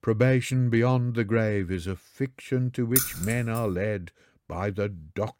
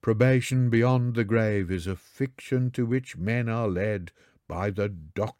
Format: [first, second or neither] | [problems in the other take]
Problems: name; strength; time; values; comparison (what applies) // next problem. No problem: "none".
second | jangling keys; loud; at 3 s; peak 2 dB above the speech